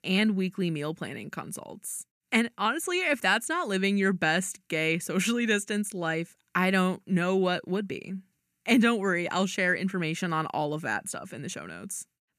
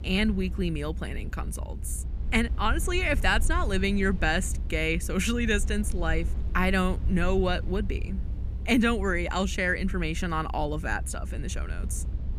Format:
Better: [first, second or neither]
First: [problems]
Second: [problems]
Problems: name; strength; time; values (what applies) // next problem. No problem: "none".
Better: first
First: none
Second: low rumble; faint; throughout; 20 dB below the speech